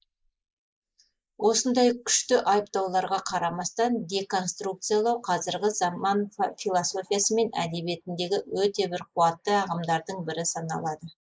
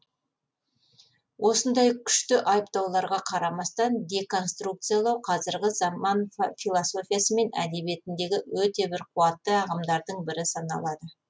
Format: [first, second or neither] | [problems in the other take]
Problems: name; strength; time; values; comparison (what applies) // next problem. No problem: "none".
second | noise reduction (neural mask model Resemble Enhance denoiser)